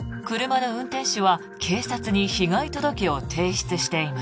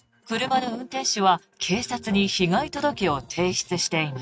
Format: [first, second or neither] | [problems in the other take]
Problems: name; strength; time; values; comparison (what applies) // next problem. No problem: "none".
first | noise reduction (neural mask model RNNoise)